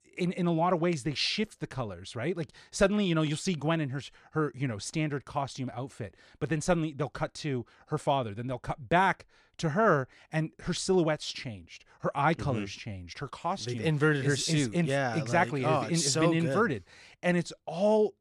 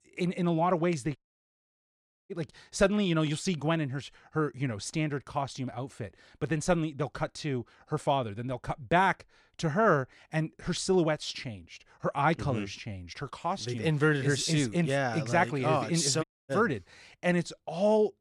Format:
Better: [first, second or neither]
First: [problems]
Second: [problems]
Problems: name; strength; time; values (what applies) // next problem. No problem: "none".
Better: first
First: none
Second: audio cutting out; at 1 s for 1 s and at 16 s